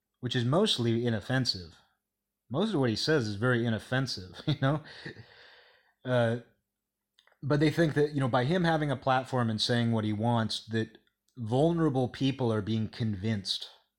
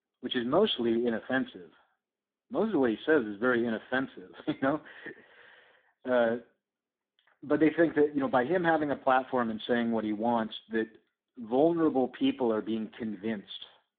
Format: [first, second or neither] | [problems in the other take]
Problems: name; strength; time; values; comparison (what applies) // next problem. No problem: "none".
first | phone-call audio; poor line; nothing above 3.5 kHz